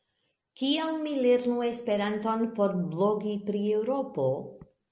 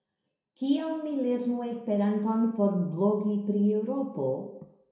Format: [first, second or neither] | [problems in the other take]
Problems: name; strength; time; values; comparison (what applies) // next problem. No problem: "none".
first | room echo; dies away in 0.6 s